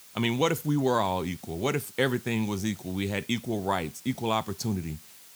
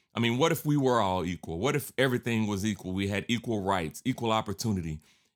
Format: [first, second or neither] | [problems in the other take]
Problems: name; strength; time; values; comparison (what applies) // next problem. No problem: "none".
second | hiss; noticeable; throughout; 20 dB below the speech